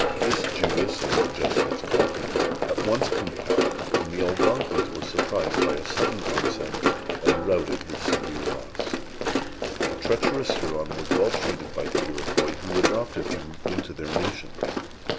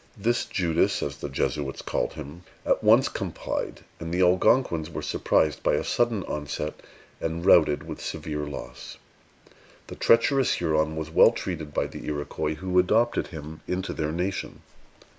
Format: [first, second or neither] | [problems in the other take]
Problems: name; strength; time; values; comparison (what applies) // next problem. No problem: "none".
second | background sound (Run); 5 dB above the speech